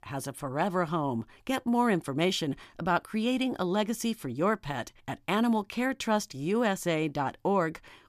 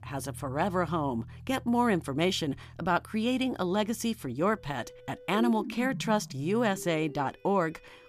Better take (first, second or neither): first